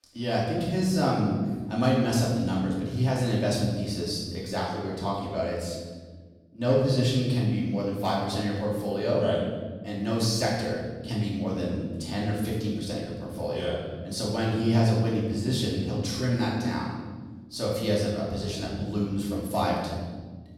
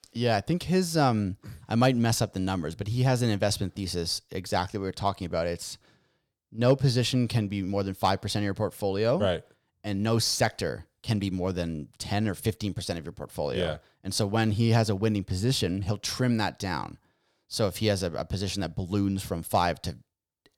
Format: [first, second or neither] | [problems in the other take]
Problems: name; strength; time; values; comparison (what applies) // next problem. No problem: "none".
second | off-mic speech; far // room echo; noticeable; dies away in 1.4 s